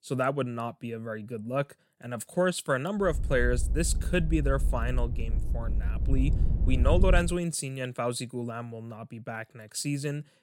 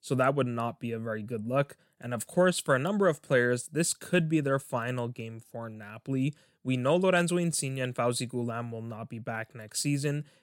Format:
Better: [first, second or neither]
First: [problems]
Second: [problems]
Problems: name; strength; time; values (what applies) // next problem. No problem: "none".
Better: second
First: low rumble; noticeable; from 3 to 7.5 s; 15 dB below the speech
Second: none